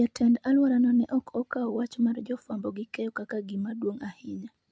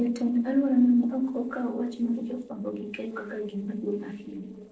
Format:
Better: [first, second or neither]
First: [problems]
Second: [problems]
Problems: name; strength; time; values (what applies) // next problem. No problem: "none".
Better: first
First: none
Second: noise reduction (neural separator model SepFormer DNS4)